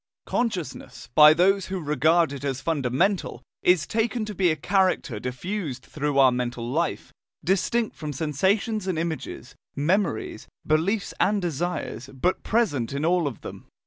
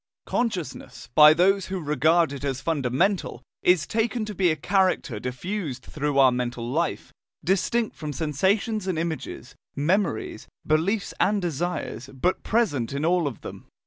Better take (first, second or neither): first